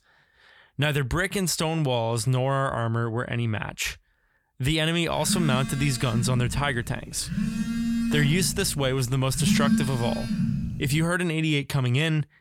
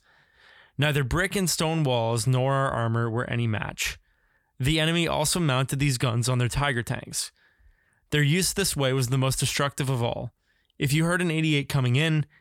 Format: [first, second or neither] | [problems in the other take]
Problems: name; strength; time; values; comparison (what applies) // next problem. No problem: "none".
second | phone ringing; loud; from 5 to 11 s; peak 3 dB above the speech